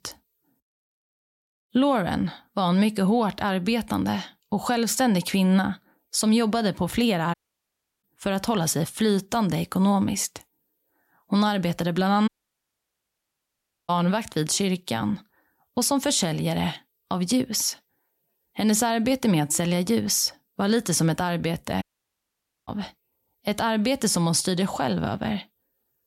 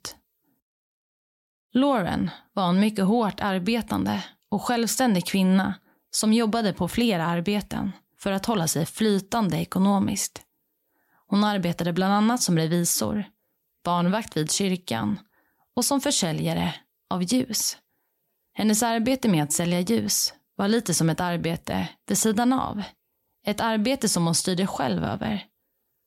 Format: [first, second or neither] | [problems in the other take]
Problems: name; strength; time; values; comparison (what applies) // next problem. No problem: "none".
second | audio cutting out; at 7.5 s for 0.5 s, at 12 s for 1.5 s and at 22 s for 1 s